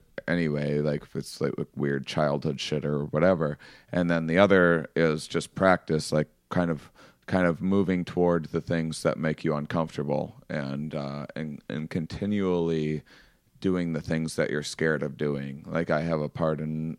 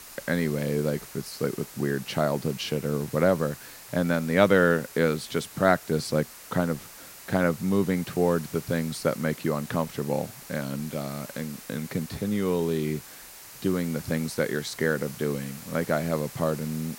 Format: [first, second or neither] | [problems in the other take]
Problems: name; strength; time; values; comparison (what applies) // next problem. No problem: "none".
first | hiss; noticeable; throughout; 15 dB below the speech